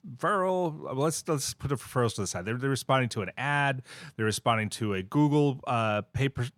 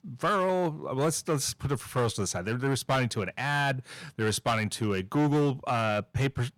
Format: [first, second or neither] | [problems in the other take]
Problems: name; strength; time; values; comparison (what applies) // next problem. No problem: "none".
first | distortion; slight; 7% of the sound clipped